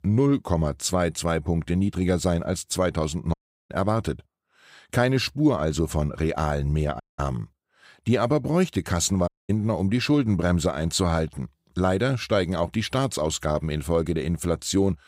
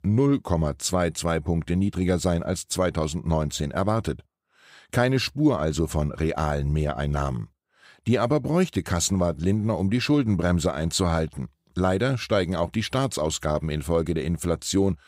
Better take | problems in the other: second | audio cutting out; at 3.5 s, at 7 s and at 9.5 s

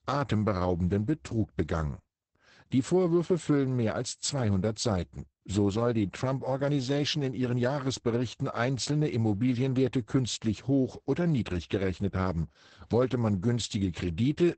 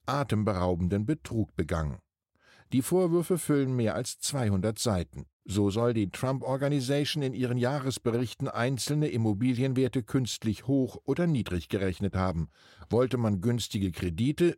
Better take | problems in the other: second | garbled, watery; badly; nothing above 8 kHz

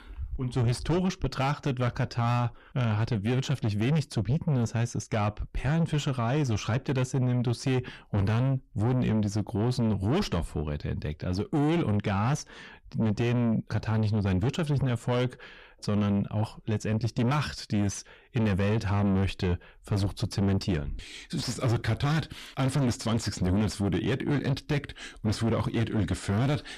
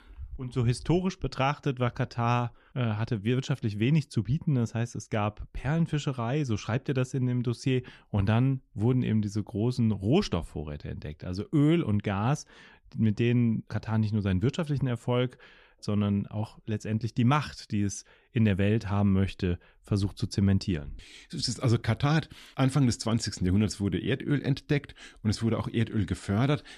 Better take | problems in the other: second | distortion; heavy; 8 dB below the speech

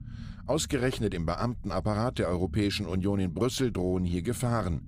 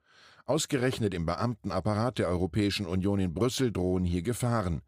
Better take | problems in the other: second | low rumble; faint; throughout; 25 dB below the speech

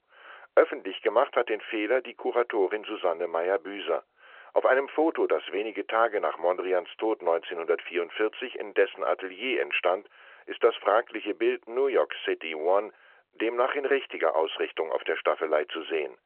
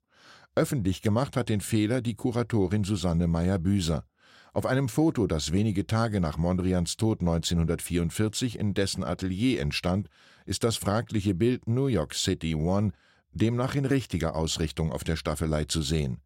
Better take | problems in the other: second | phone-call audio

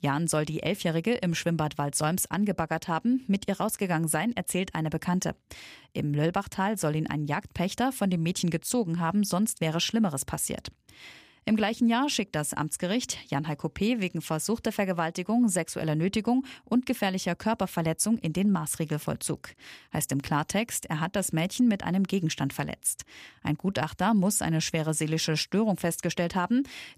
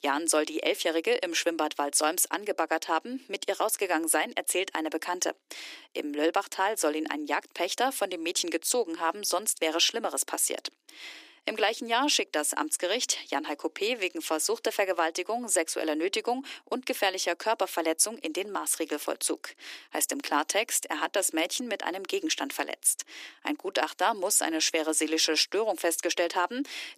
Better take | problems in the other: first | thin; very; fading below 300 Hz

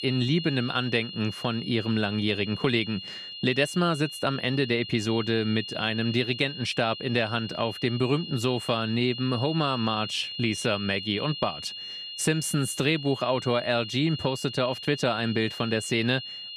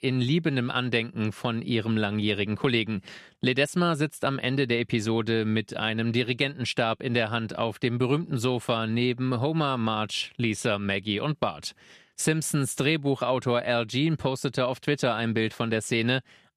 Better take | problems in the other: second | high-pitched whine; loud; throughout; 3 kHz, 9 dB below the speech

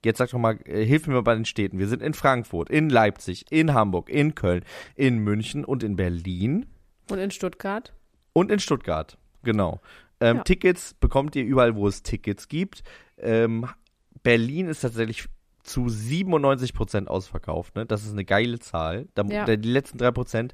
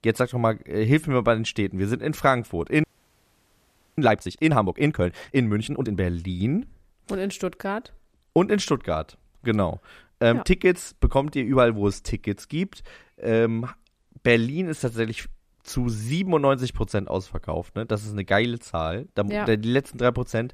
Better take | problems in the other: first | audio freezing; at 3 s for 1 s

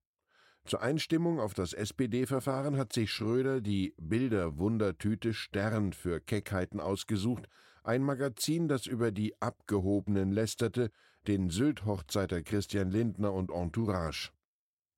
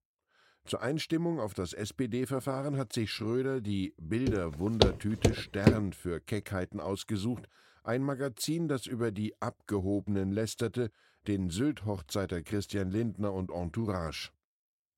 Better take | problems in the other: first | footsteps; loud; from 4.5 to 5.5 s; peak 6 dB above the speech

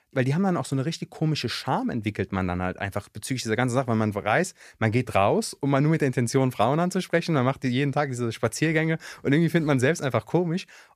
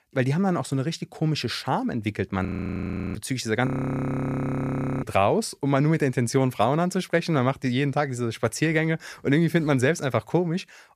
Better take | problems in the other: first | audio freezing; at 2.5 s for 0.5 s and at 3.5 s for 1.5 s

